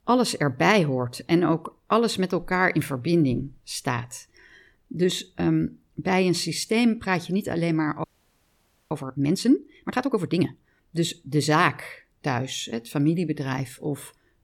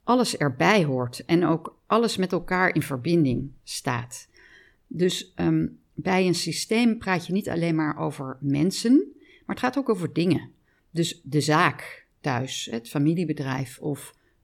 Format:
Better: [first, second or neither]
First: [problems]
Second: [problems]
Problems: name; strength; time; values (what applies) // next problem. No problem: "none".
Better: second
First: audio freezing; at 8 s for 1 s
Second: none